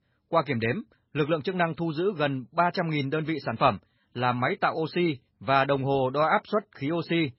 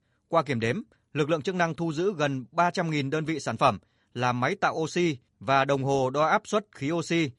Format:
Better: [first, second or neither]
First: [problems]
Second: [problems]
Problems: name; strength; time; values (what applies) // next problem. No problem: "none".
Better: second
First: garbled, watery; badly; nothing above 5.5 kHz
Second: garbled, watery; slightly; nothing above 11 kHz